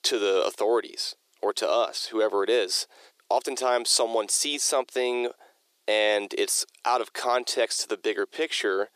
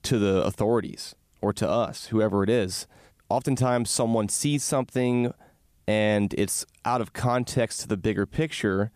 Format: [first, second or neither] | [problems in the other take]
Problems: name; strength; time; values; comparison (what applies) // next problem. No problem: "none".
second | thin; very; fading below 350 Hz